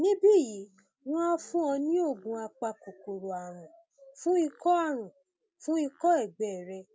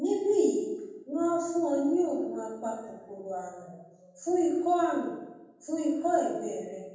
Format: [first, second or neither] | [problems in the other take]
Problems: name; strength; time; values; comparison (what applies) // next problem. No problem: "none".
first | room echo; dies away in 1.2 s